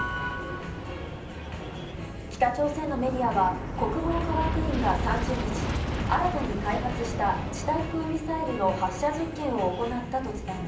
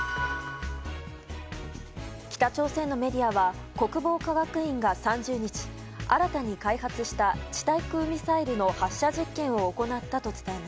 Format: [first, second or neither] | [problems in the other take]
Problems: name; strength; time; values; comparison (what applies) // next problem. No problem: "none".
second | background sound (Aircraft); 4 dB below the speech // room echo; dies away in 0.6 s